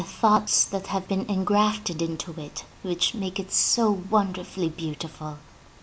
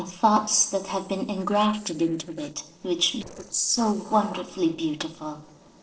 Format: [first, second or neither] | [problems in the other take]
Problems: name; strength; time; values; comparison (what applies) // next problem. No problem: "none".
first | noise reduction (neural separator model SepFormer DNS4)